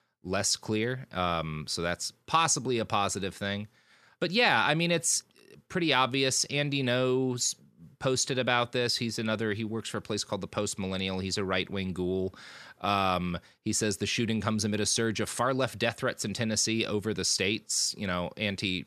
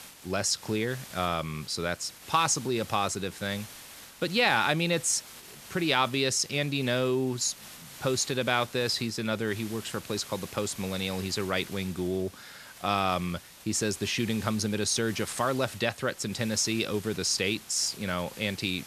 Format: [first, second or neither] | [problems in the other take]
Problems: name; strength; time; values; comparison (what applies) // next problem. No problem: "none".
first | hiss; noticeable; throughout; 15 dB below the speech